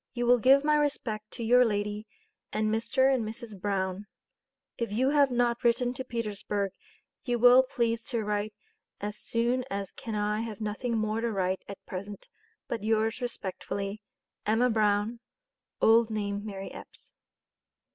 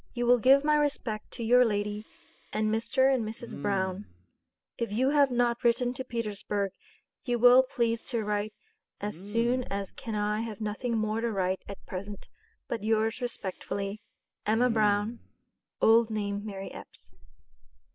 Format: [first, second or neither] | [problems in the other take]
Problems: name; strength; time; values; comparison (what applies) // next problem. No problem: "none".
first | background sound (Respiratory sounds); 15 dB below the speech